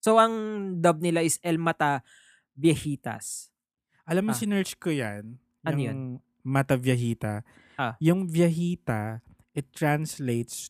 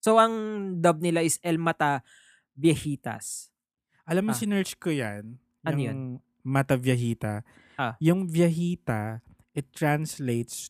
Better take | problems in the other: neither | none

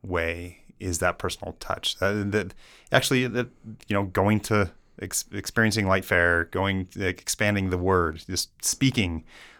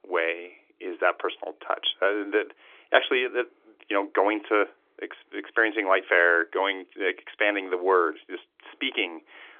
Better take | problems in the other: first | phone-call audio; nothing above 3.5 kHz

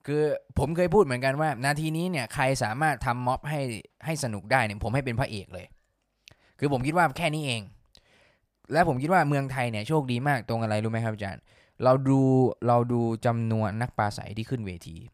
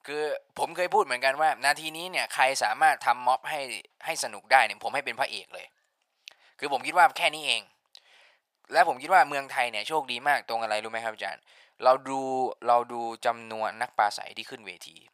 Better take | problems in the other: first | thin; very; fading below 700 Hz

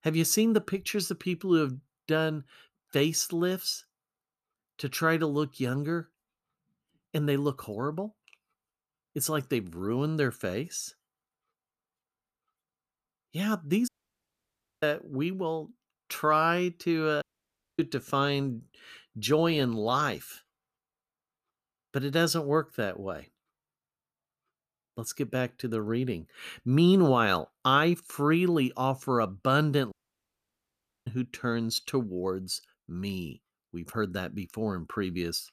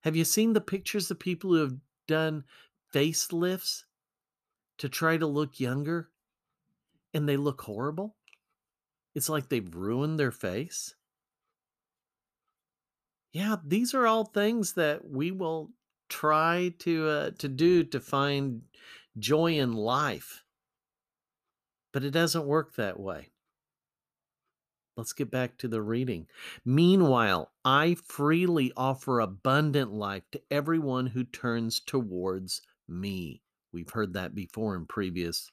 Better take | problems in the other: second | audio cutting out; at 14 s for 1 s, at 17 s for 0.5 s and at 30 s for 1 s

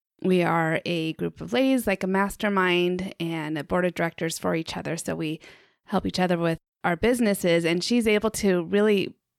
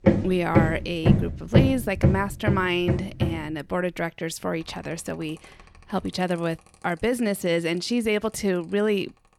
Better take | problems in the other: first | machinery noise; very loud; throughout; 2 dB above the speech

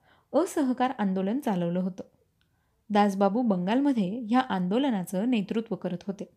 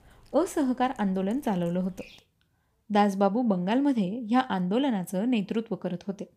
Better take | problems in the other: first | animal sounds; faint; until 2 s; 25 dB below the speech

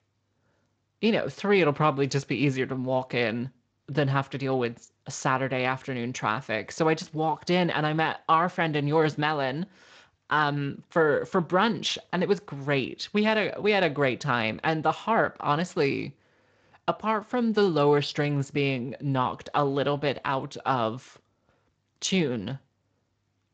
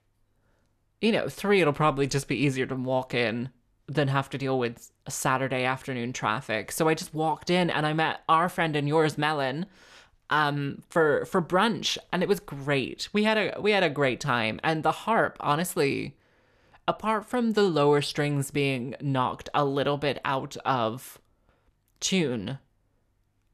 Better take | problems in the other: second | garbled, watery; slightly; nothing above 7.5 kHz

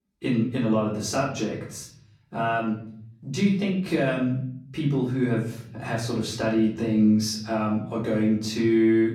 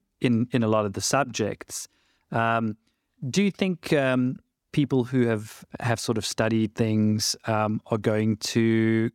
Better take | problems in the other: second | room echo; noticeable; dies away in 0.8 s // off-mic speech; far

